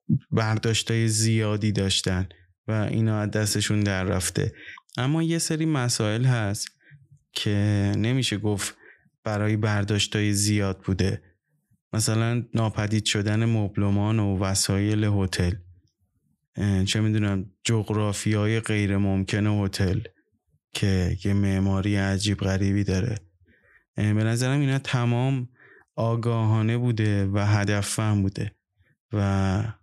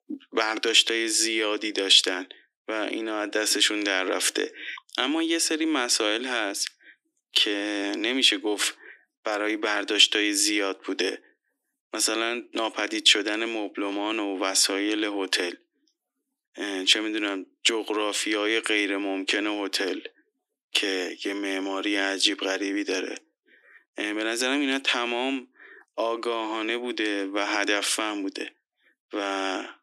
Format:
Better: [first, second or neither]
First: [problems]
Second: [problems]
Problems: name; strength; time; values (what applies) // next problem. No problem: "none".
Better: first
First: none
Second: thin; very; fading below 250 Hz